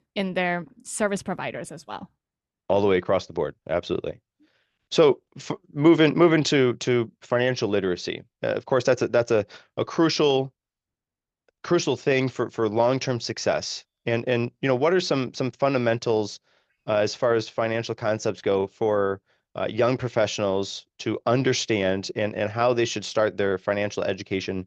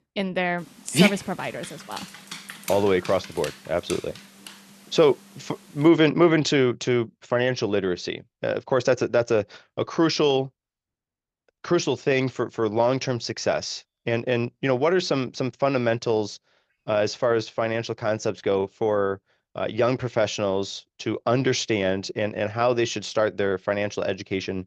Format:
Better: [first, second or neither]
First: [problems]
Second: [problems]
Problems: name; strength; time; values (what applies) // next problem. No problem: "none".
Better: first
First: none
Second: dog barking; loud; from 1 to 4 s; peak 4 dB above the speech